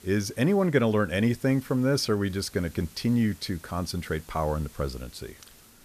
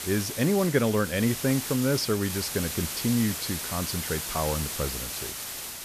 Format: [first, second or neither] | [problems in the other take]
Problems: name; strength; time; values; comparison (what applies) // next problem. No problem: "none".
first | hiss; loud; throughout; 4 dB below the speech; faint in the first